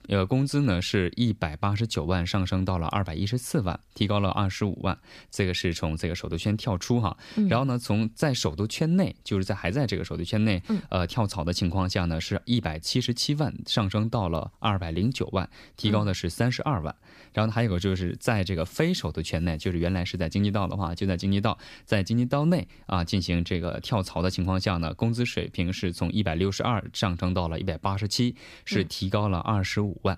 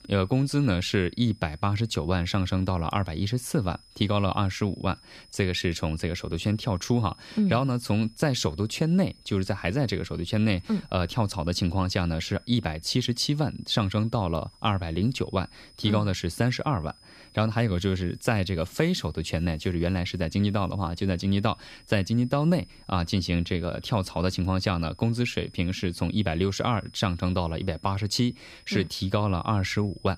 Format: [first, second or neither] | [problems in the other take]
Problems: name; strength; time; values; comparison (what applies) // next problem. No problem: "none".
first | high-pitched whine; faint; throughout; 5 kHz, 25 dB below the speech